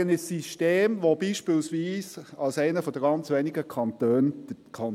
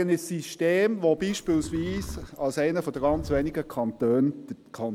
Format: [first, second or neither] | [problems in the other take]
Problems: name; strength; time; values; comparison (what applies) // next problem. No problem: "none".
first | background sound (Livestock, farm animals, working animals); 14 dB below the speech